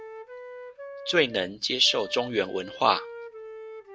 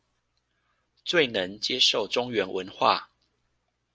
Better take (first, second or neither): second